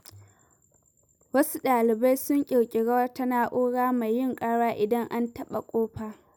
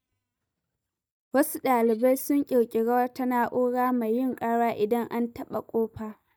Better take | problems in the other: first | noise reduction (neural mask model DeepFilterNet 3)

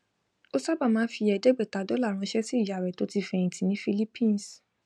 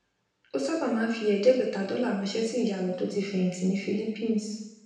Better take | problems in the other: first | room echo; dies away in 0.9 s

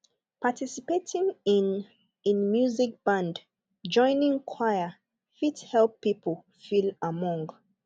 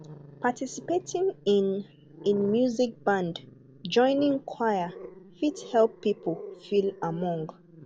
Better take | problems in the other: first | background sound (Growling); 18 dB below the speech

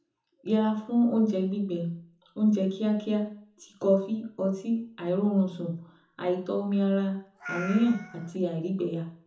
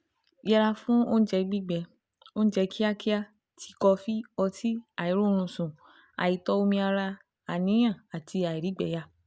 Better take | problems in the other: second | background sound (Meow); 13 dB below the speech // room echo; dies away in 0.6 s

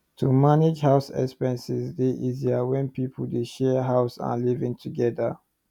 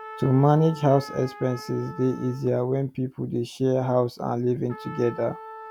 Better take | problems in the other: first | background sound (Trumpet); 18 dB below the speech

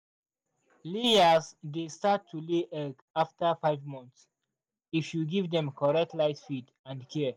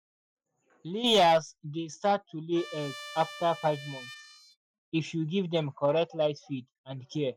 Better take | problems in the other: first | noise reduction (classical method Wiener filter)

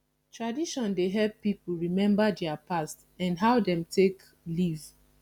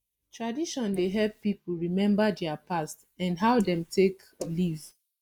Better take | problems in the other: first | noise reduction (neural mask model Resemble Enhance denoiser)

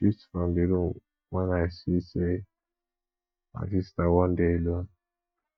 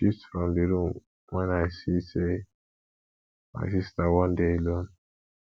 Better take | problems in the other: second | noise reduction (neural mask model DeepFilterNet 3)

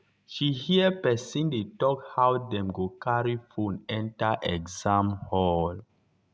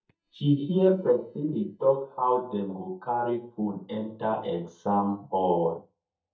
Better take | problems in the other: first | noise reduction (neural mask model DeepFilterNet 3)

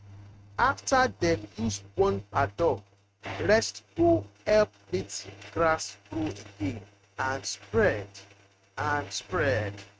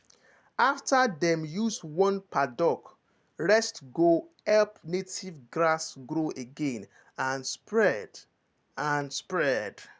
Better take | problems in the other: second | noise reduction (neural mask model RNNoise)

